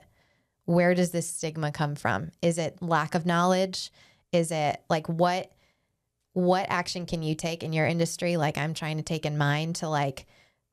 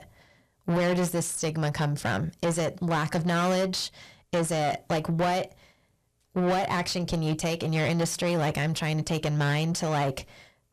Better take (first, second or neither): first